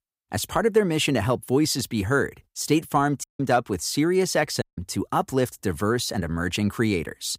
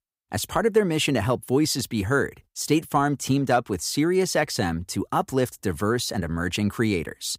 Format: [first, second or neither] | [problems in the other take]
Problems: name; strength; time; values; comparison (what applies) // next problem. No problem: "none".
second | audio cutting out; at 3 s and at 4.5 s